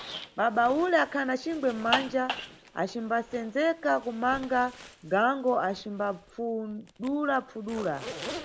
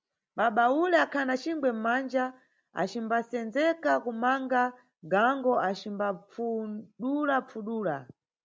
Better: second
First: background sound (Zipper (clothing)); 12 dB below the speech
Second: none

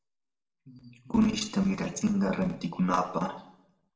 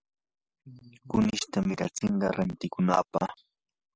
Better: second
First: room echo; dies away in 0.7 s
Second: none

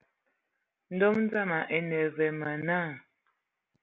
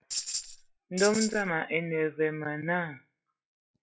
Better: first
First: none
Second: noise reduction (classical method log-MMSE)

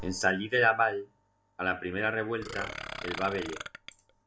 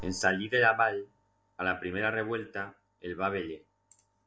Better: second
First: background sound (Burping, eructation); 9 dB below the speech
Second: none

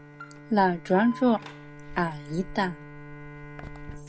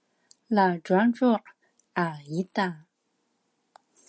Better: second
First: background sound (Alarm + Bowed string instrument); 14 dB below the speech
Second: none

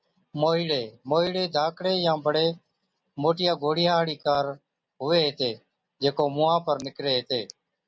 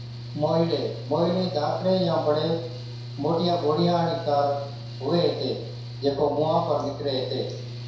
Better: first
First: none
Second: background sound (Mechanical fan / Engine); 10 dB below the speech // room echo; dies away in 0.7 s

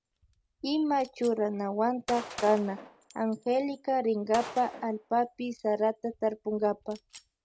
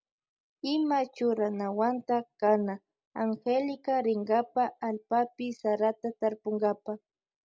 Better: second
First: background sound (Gunshot, gunfire); 18 dB below the speech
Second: none

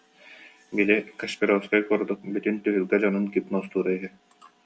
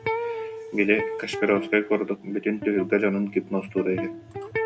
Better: first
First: none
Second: background sound (Electric guitar); 7 dB below the speech

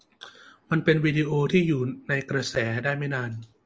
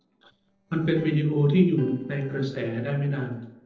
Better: first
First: none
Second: noise reduction (neural separator model SepFormer DNS4)

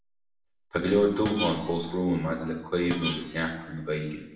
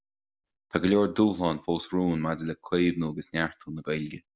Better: second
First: background sound (Screech); 11 dB below the speech // room echo; dies away in 0.9 s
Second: none

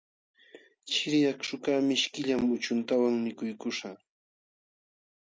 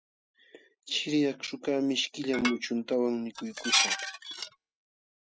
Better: first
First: none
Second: noise reduction (classical method spectral subtraction)

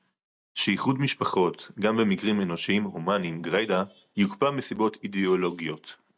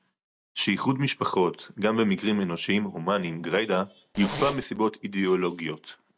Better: first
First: none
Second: background sound (Zipper (clothing)); 7 dB below the speech

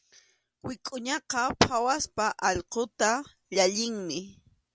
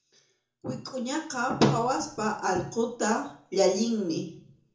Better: first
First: none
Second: room echo; dies away in 0.7 s

